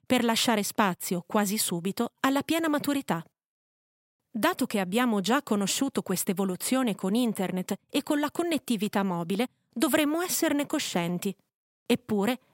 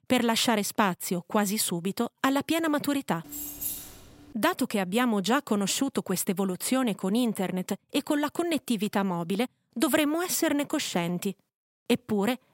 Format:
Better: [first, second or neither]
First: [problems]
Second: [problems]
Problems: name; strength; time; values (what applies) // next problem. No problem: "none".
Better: first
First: none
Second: jangling keys; noticeable; from 3.5 to 4.5 s; peak 4 dB below the speech